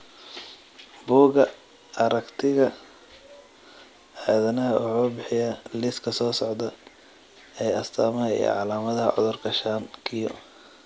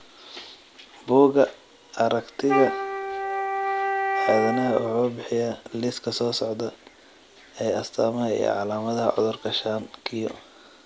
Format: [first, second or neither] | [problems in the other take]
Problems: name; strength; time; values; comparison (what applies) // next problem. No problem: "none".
first | background sound (Wind instrument, woodwind instrument); 2 dB below the speech